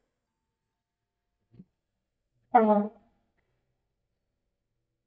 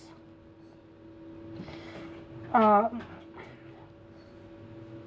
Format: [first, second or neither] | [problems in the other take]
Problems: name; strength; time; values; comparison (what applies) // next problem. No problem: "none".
second | noise reduction (neural mask model DeepFilterNet 3)